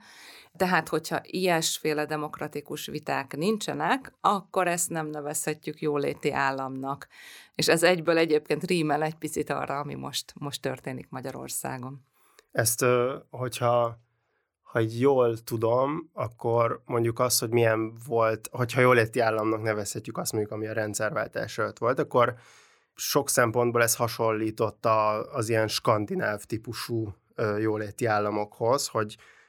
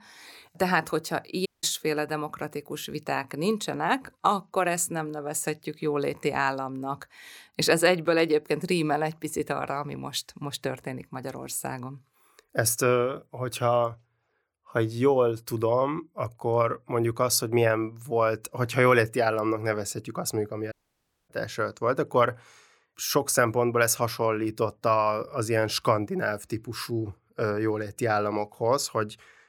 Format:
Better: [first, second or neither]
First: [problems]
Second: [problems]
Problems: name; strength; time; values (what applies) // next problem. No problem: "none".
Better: first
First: none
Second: audio cutting out; at 1.5 s and at 21 s for 0.5 s